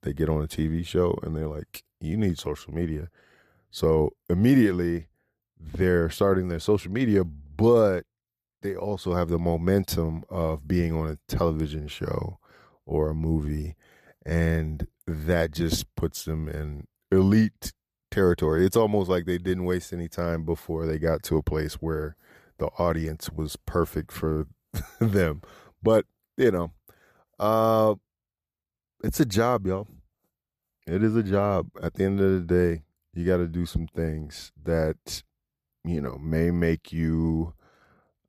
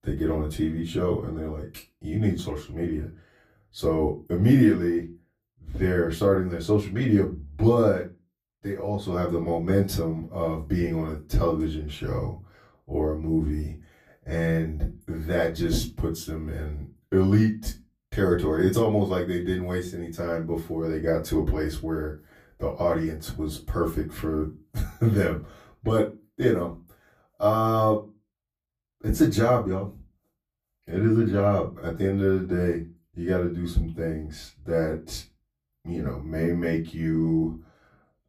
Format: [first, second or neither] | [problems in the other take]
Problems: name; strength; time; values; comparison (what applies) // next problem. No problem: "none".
first | off-mic speech; far // room echo; very slight; dies away in 0.2 s